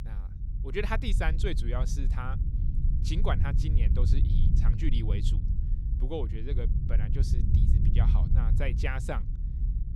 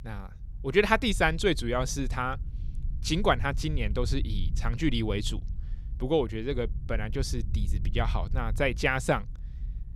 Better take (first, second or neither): second